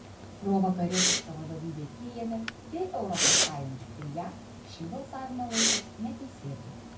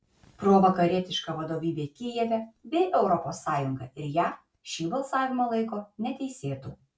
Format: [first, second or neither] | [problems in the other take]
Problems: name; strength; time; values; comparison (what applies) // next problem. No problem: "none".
second | background sound (Respiratory sounds); 2 dB above the speech // room echo; dies away in 0.4 s